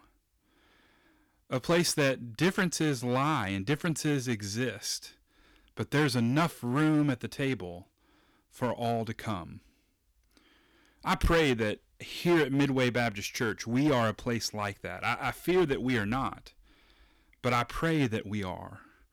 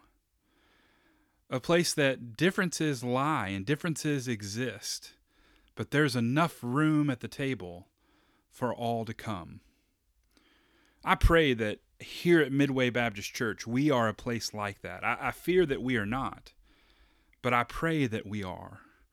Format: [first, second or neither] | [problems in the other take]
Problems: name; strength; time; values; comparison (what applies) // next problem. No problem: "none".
second | distortion; slight; 5% of the sound clipped